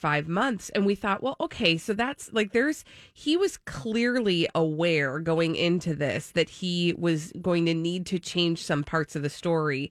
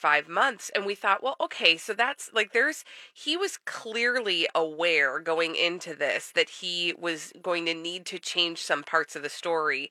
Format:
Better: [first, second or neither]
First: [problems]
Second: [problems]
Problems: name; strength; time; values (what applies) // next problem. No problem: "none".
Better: first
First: none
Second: thin; very; fading below 650 Hz